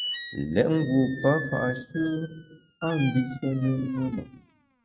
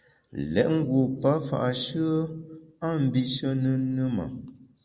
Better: second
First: noise reduction (neural mask model RNNoise)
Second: none

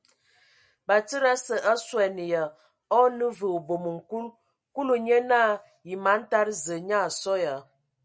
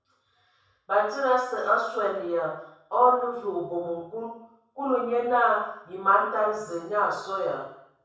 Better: first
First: none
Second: room echo; dies away in 0.7 s

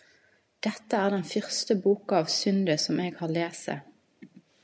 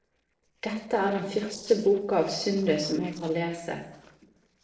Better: first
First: none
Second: noise reduction (neural separator model SepFormer DNS4)

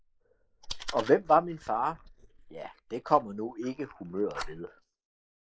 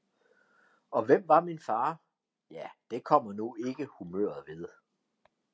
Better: second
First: noise reduction (neural mask model Resemble Enhance denoiser)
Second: none

